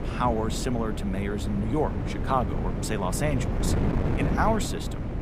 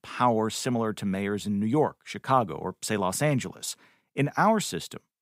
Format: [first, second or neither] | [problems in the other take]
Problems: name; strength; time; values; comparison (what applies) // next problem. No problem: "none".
second | wind noise on the microphone; heavy; 6 dB below the speech